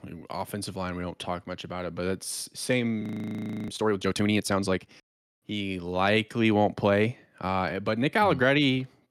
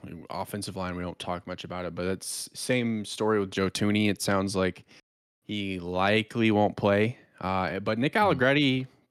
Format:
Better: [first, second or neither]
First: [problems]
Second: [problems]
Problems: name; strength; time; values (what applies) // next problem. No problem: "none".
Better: second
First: audio freezing; at 3 s for 0.5 s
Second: none